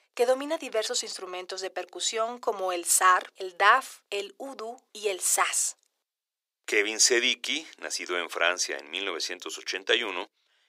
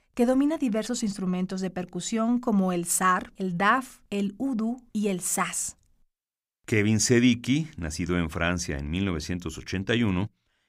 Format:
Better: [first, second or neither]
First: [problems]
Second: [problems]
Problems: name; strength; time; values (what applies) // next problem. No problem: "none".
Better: second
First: thin; very; fading below 400 Hz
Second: none